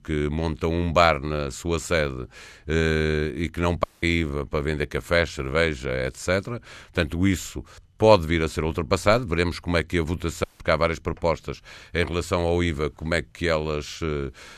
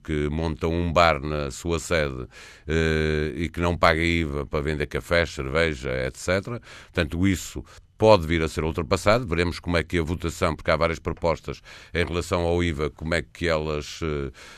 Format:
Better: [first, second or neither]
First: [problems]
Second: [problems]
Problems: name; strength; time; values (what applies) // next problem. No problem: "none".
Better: second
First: audio cutting out; at 4 s and at 10 s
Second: none